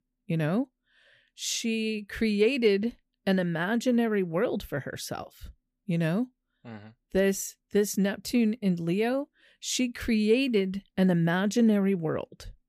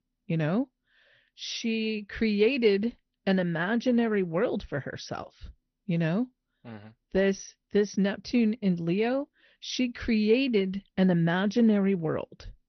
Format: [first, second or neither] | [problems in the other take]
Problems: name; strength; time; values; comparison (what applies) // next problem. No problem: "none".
first | garbled, watery; slightly; nothing above 6 kHz